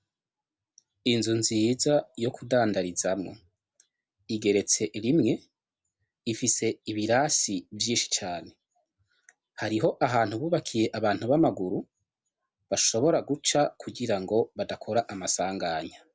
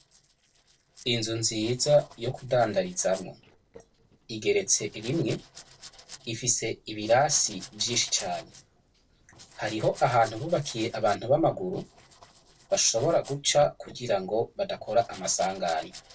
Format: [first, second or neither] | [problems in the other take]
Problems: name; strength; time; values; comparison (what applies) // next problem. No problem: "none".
first | noise reduction (neural separator model SepFormer DNS4)